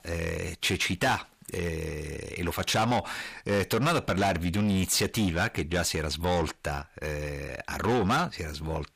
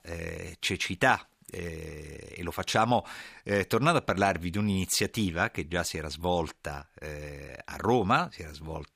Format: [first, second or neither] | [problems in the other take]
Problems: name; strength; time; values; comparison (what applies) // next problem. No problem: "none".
second | distortion; heavy; 6 dB below the speech